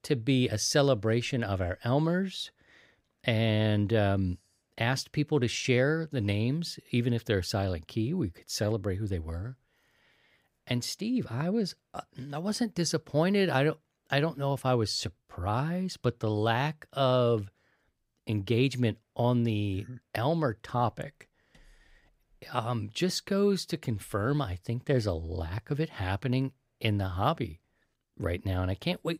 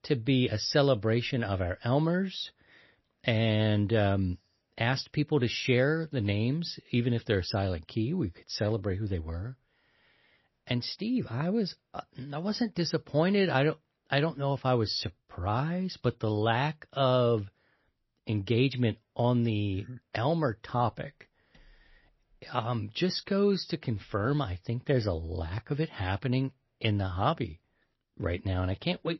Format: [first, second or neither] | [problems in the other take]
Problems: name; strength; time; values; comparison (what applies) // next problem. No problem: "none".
first | garbled, watery; slightly; nothing above 5.5 kHz